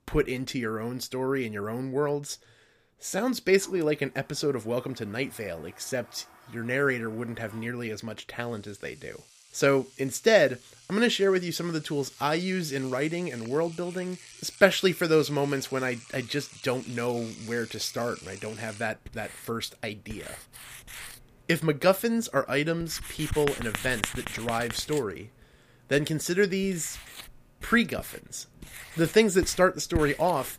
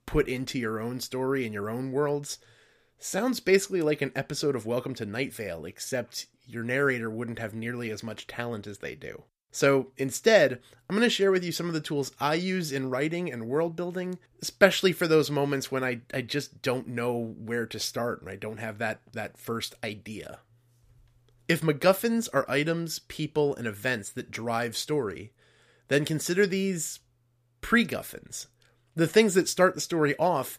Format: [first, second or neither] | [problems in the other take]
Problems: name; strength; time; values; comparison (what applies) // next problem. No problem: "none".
second | household noises; noticeable; throughout; 15 dB below the speech